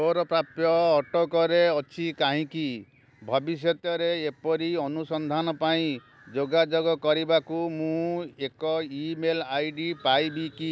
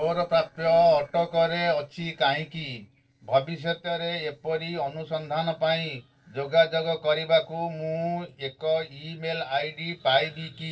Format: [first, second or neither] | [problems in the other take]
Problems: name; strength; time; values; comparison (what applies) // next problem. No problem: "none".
first | noise reduction (neural separator model SepFormer DNS4)